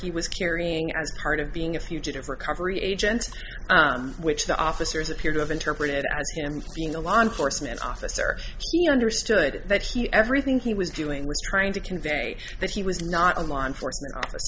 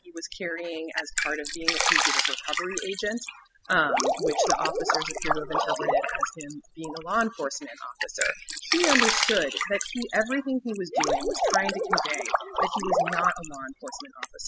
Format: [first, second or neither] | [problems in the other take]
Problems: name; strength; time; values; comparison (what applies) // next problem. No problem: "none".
first | noise reduction (classical method spectral subtraction)